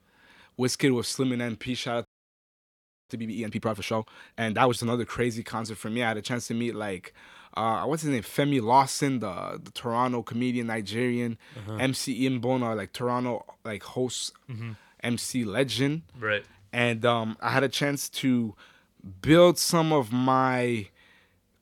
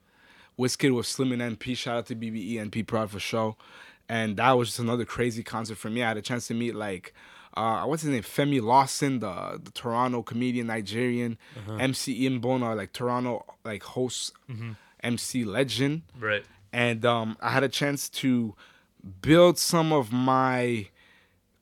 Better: second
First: audio freezing; at 2 s for 1 s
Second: none

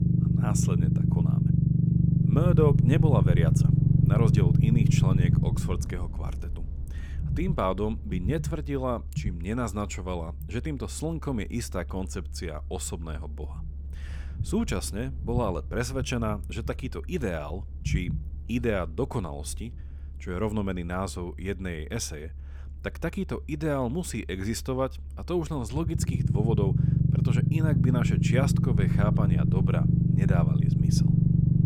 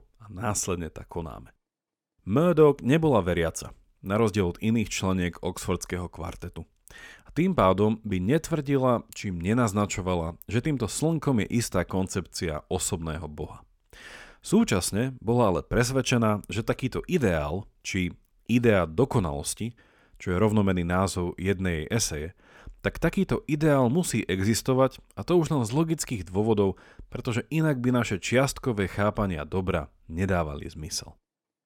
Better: second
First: low rumble; loud; throughout; 1 dB below the speech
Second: none

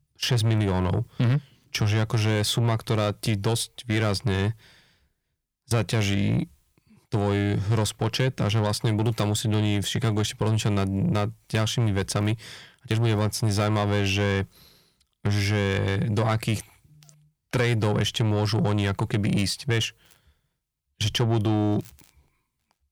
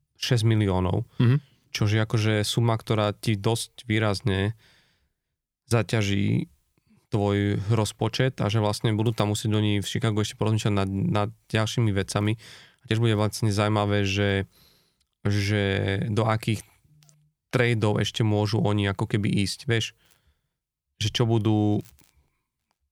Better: second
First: distortion; slight; 10 dB below the speech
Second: none

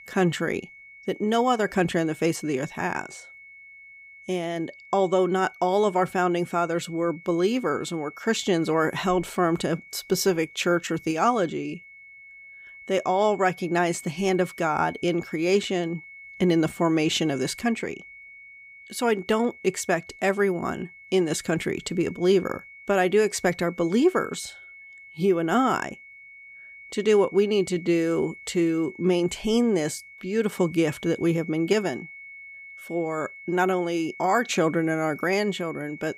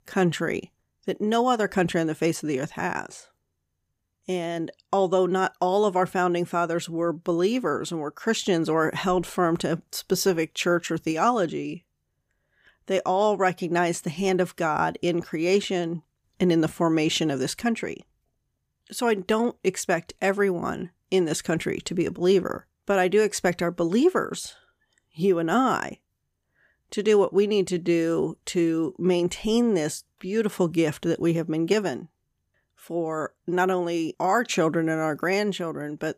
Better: second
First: high-pitched whine; noticeable; throughout; 2 kHz, 20 dB below the speech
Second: none

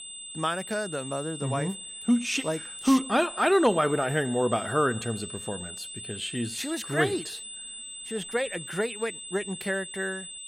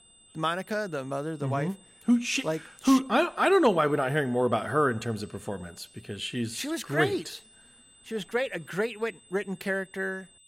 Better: second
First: high-pitched whine; loud; throughout; 8 kHz, 9 dB below the speech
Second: high-pitched whine; faint; throughout; 8 kHz, 25 dB below the speech

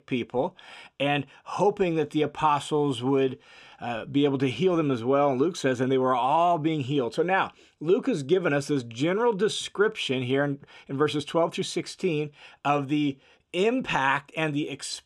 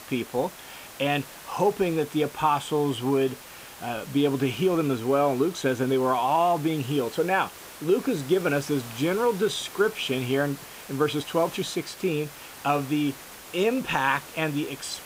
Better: first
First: none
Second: hiss; noticeable; throughout; 15 dB below the speech

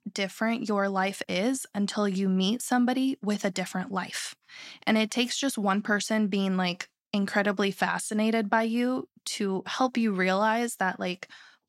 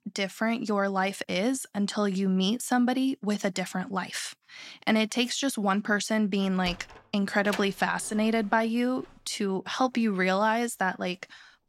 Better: first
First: none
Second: door banging; faint; from 6.5 to 7.5 s; peak 10 dB below the speech

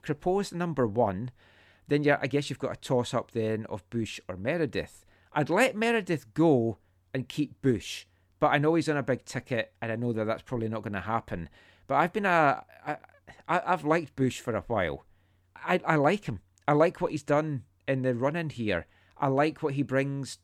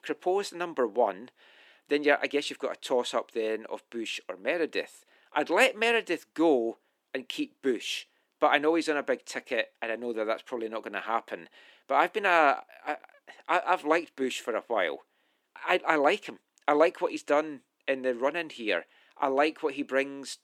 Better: first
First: none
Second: thin; somewhat; fading below 300 Hz

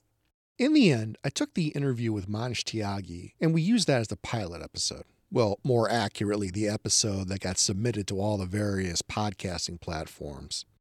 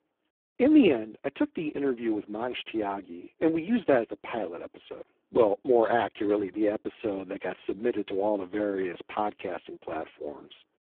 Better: first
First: none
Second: phone-call audio; poor line

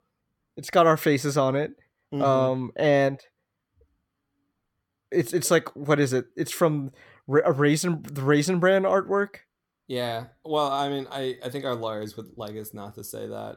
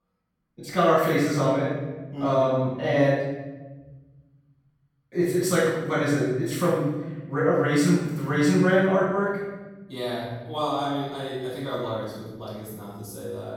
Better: first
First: none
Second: room echo; strong; dies away in 1.2 s // off-mic speech; far

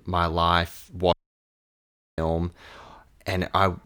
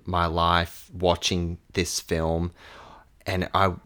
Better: second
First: audio cutting out; at 1 s for 1 s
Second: none

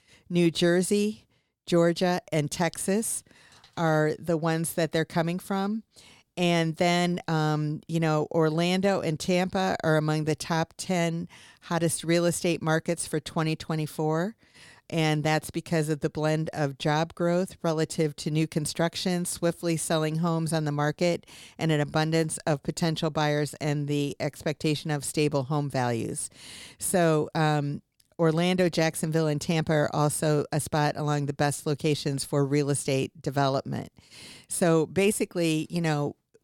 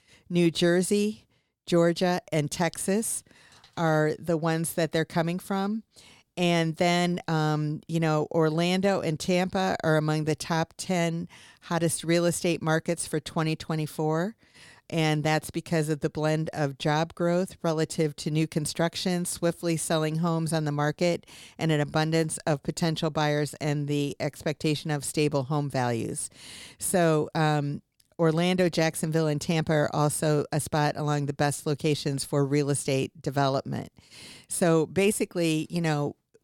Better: neither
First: none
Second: none

